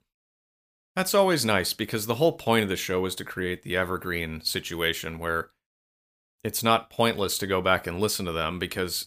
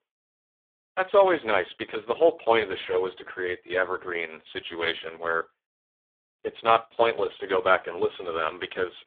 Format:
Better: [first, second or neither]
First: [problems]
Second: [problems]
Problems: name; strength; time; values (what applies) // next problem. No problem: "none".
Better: first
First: none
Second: phone-call audio; poor line